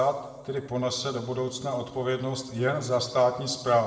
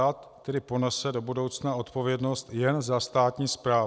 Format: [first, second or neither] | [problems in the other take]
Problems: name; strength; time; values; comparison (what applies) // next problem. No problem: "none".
second | room echo; dies away in 1.7 s